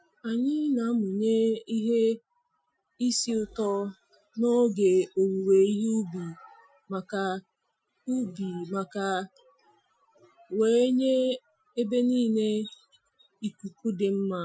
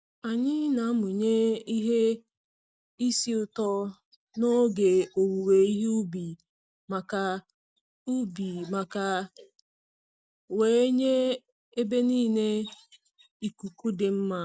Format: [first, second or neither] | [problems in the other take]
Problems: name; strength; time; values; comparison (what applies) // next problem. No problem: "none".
second | noise reduction (classical method Wiener filter)